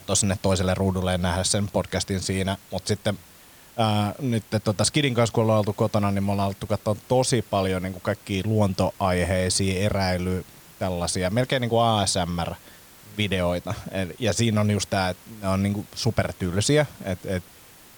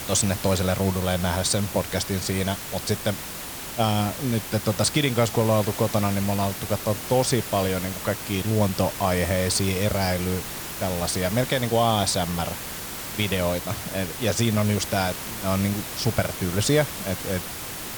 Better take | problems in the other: first | hiss; loud; throughout; 7 dB below the speech; faint in the first

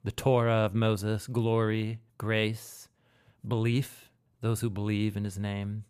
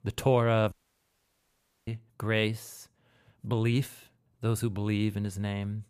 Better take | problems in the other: first | audio cutting out; at 0.5 s for 1 s

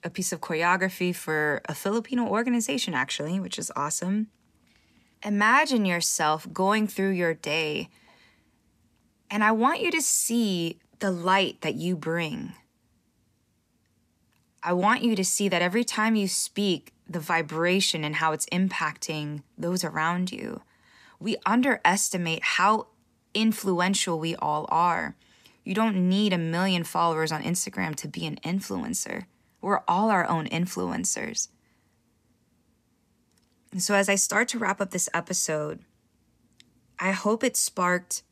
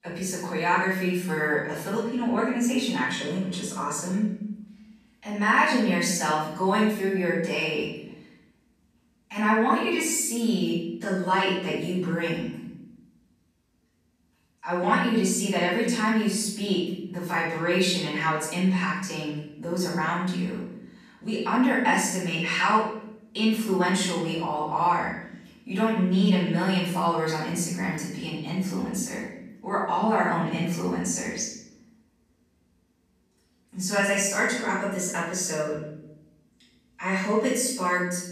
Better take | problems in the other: first | off-mic speech; far // room echo; noticeable; dies away in 0.8 s

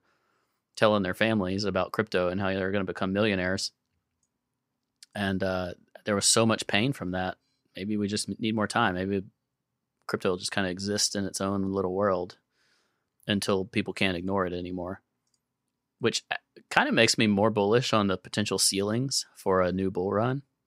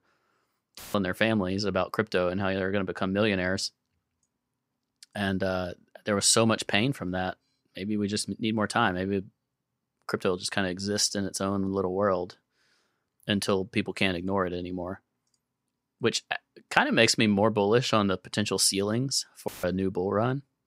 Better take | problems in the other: first | audio cutting out; filled with static; at 1 s and at 19 s

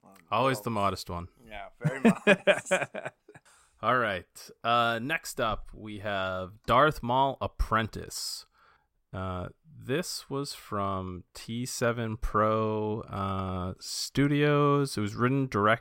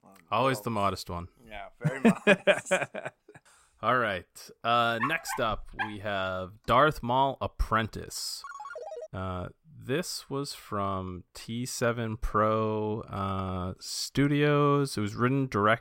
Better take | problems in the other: first | dog barking; noticeable; at 5 s; peak 5 dB below the speech // phone ringing; faint; at 8.5 s; peak 10 dB below the speech

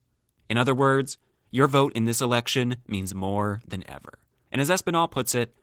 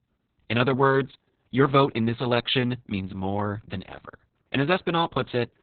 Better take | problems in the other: first | garbled, watery; badly; nothing above 4 kHz; slightly in the first

